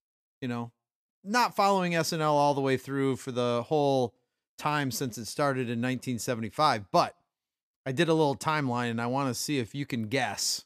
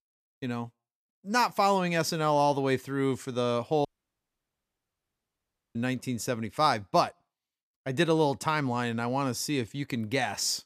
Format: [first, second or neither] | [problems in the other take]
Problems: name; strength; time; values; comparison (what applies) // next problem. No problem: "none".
first | audio cutting out; at 4 s for 2 s